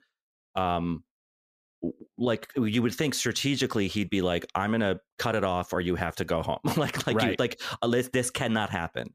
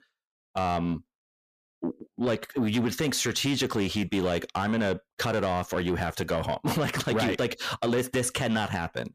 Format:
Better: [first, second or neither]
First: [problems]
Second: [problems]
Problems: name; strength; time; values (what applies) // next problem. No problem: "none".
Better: first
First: none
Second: distortion; slight; 10 dB below the speech